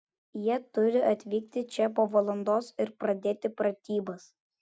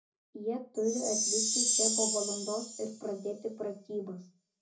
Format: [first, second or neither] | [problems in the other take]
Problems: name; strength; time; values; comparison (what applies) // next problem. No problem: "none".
first | background sound (Chime); 2 dB above the speech // room echo; dies away in 0.4 s